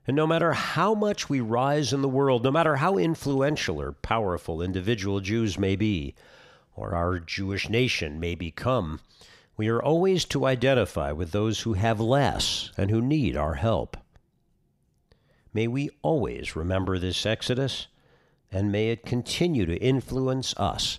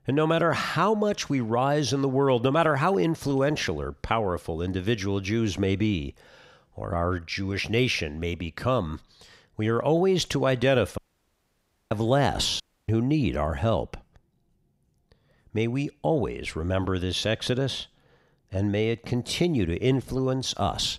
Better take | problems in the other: first | audio cutting out; at 11 s for 1 s and at 13 s

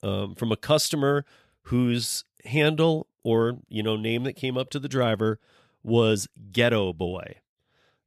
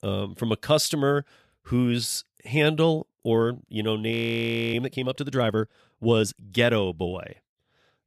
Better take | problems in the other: first | audio freezing; at 4 s for 0.5 s

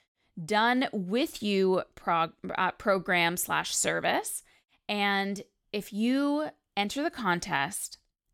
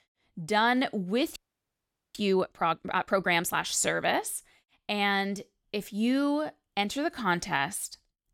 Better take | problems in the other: first | audio freezing; at 1.5 s for 1 s

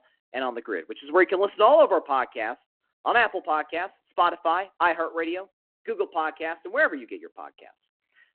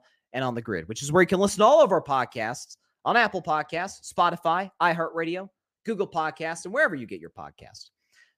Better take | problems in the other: second | phone-call audio

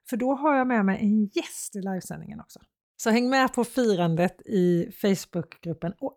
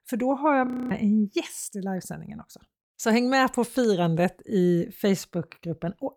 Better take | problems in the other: first | audio freezing; at 0.5 s

